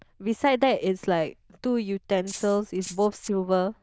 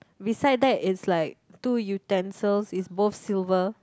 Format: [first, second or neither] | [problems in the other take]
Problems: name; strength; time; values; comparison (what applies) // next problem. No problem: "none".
second | noise reduction (neural diffusion model UNIVERSE++)